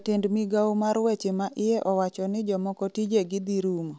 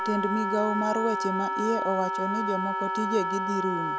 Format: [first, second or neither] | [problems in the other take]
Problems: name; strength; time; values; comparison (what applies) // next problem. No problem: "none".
first | background sound (Wind instrument, woodwind instrument); as loud as the speech